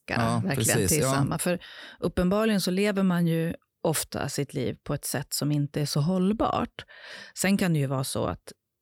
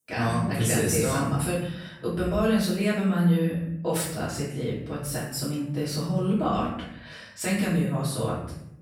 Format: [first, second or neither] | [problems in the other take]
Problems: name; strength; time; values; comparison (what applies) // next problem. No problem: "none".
first | off-mic speech; far // room echo; noticeable; dies away in 0.7 s